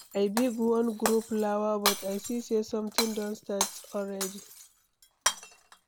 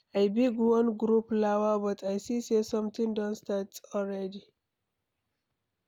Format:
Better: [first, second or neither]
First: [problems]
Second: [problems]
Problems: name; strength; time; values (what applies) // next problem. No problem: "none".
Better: second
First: background sound (Shatter); 5 dB below the speech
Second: none